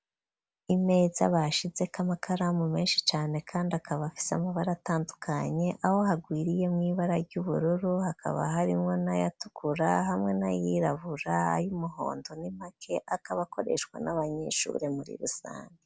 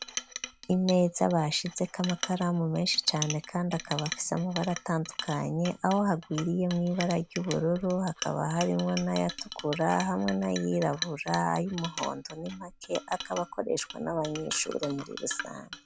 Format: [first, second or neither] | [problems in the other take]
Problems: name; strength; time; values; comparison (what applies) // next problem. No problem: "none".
first | background sound (Chink, clink); 12 dB below the speech